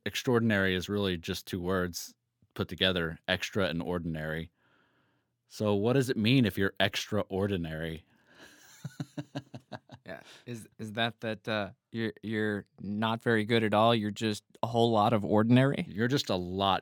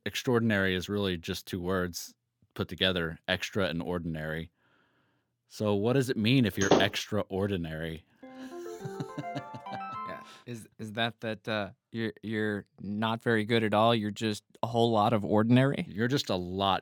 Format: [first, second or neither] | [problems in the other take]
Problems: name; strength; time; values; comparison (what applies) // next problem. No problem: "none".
first | door banging; loud; at 6.5 s; peak 3 dB above the speech // phone ringing; noticeable; from 8 to 10 s; peak 9 dB below the speech